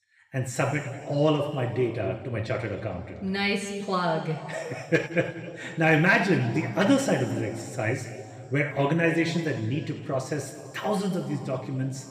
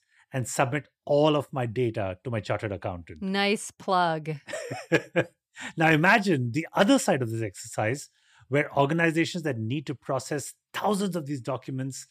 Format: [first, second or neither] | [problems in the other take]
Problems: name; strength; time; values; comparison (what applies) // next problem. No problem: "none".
second | room echo; slight; dies away in 1.9 s // off-mic speech; somewhat distant